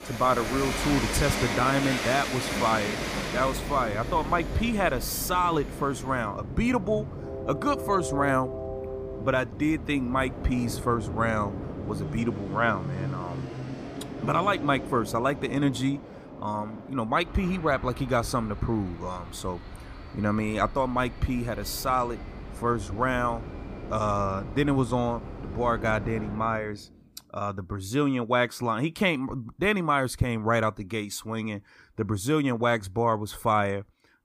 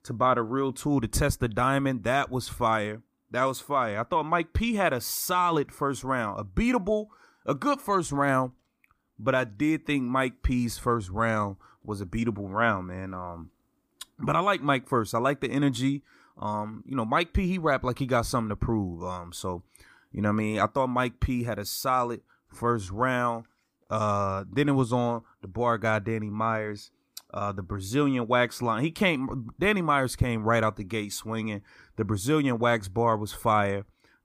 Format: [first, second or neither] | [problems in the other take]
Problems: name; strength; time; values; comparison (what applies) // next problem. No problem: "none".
second | train or aircraft noise; loud; until 26 s; 8 dB below the speech